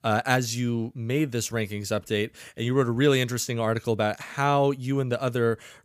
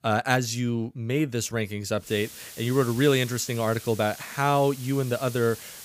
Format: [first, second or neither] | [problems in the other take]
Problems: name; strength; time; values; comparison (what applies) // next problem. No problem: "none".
first | hiss; noticeable; from 2 s on; 15 dB below the speech